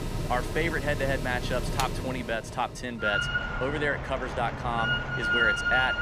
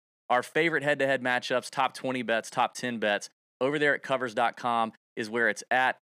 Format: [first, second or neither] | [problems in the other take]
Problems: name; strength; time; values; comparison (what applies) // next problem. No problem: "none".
second | machinery noise; very loud; throughout; 1 dB above the speech